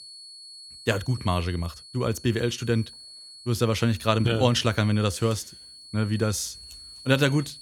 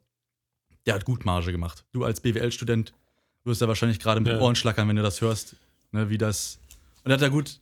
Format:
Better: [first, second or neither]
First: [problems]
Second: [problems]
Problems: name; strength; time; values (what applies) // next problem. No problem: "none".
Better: second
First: high-pitched whine; noticeable; throughout; 4.5 kHz, 15 dB below the speech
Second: none